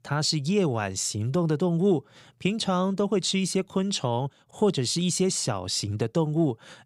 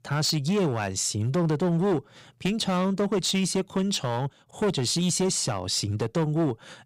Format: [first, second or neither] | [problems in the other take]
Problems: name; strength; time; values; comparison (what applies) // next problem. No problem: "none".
first | distortion; slight; 12% of the sound clipped